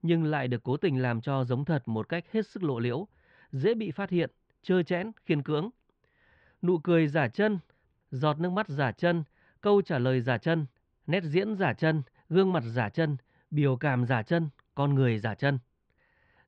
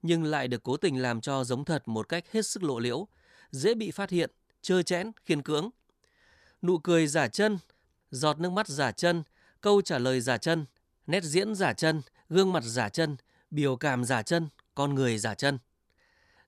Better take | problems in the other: second | muffled; very; fading above 3 kHz

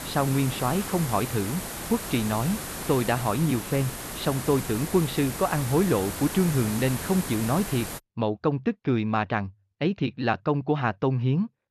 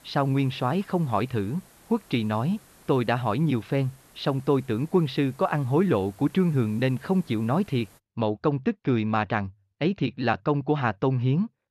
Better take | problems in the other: second | hiss; loud; until 8 s; 7 dB below the speech; faint in the second

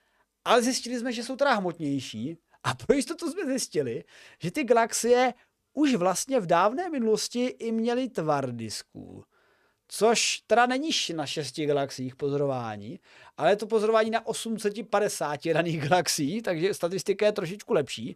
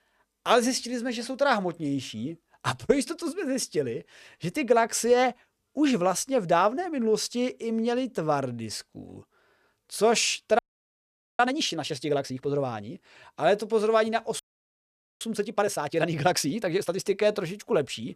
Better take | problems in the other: first | audio freezing; at 11 s for 1 s and at 14 s for 1 s

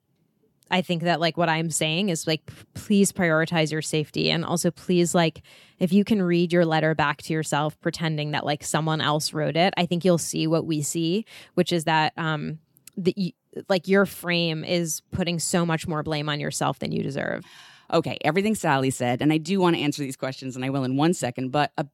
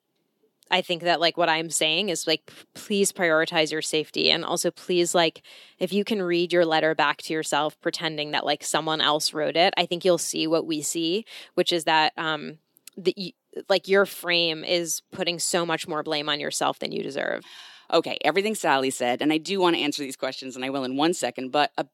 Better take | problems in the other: first | thin; somewhat; fading below 350 Hz

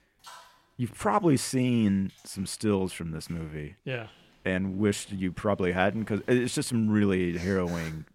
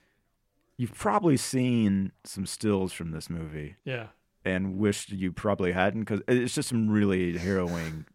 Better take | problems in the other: second | household noises; faint; throughout; 30 dB below the speech

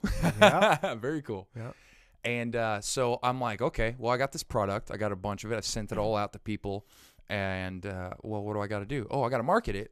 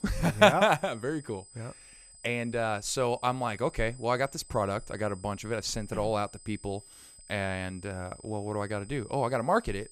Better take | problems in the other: first | high-pitched whine; faint; throughout; 8 kHz, 20 dB below the speech

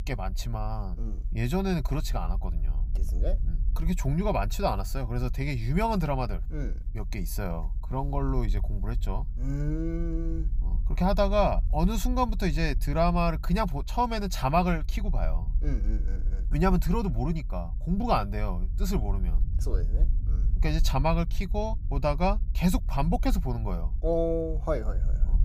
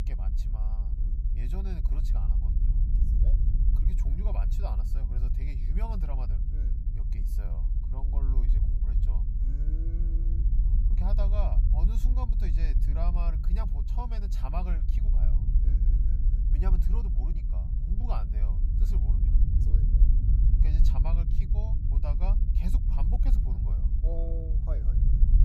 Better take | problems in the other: first | low rumble; loud; throughout; 3 dB below the speech; faint in the first

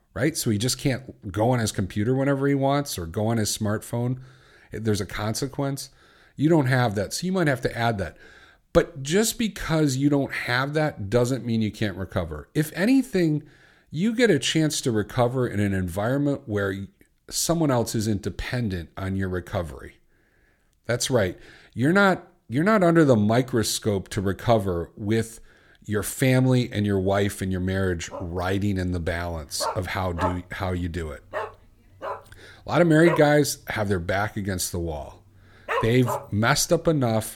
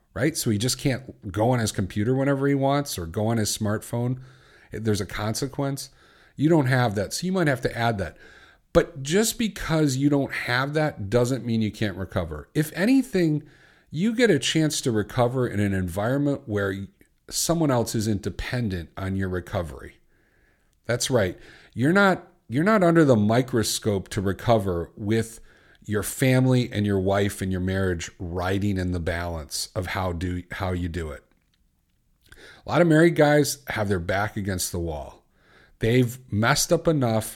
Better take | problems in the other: second | dog barking; noticeable; from 28 to 36 s; peak 4 dB below the speech

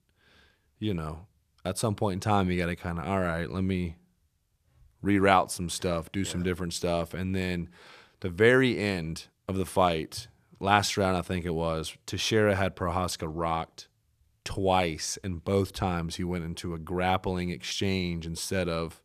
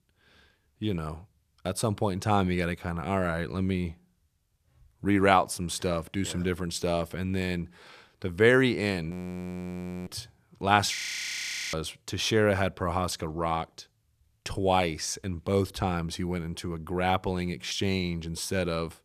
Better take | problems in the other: first | audio freezing; at 9 s for 1 s and at 11 s for 1 s

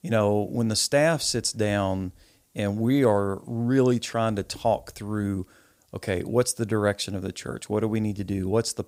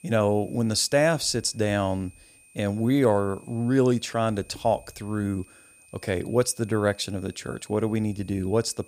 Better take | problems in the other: first | high-pitched whine; faint; throughout; 2.5 kHz, 25 dB below the speech

